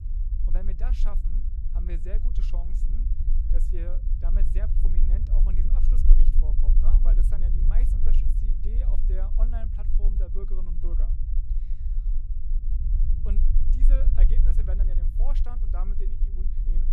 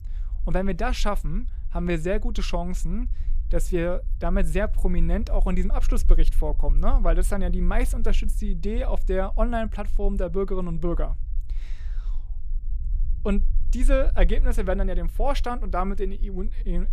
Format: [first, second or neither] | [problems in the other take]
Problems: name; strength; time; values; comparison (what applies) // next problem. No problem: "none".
second | low rumble; loud; throughout; 2 dB below the speech; faint in the second